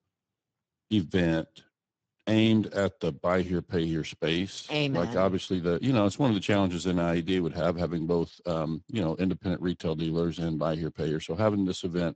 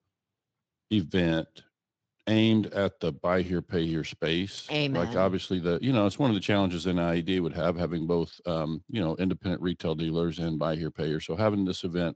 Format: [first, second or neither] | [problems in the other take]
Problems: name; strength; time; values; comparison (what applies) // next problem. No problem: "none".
second | garbled, watery; badly; nothing above 8 kHz; slightly in the second